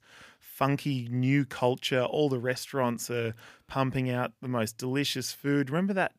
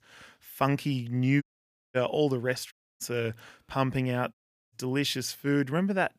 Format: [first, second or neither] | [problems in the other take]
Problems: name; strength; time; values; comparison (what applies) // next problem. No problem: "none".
first | audio cutting out; at 1.5 s for 0.5 s, at 2.5 s and at 4.5 s